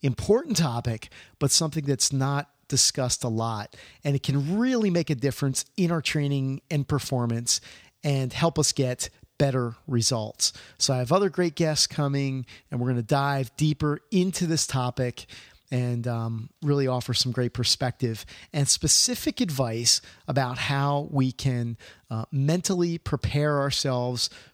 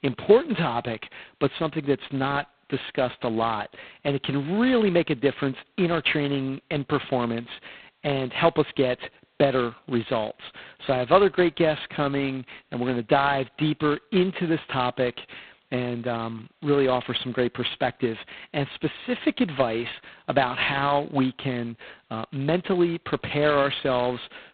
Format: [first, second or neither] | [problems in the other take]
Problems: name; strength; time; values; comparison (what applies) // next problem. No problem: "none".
first | phone-call audio; poor line; nothing above 4 kHz